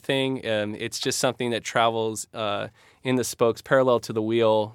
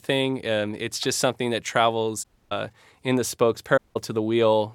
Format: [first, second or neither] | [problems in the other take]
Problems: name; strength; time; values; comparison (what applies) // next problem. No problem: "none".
first | audio cutting out; at 2 s and at 4 s